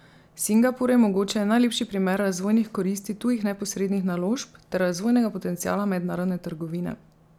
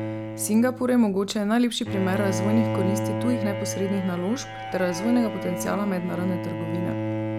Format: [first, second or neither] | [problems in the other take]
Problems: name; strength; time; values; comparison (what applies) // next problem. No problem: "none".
first | background sound (Bowed string instrument); 4 dB below the speech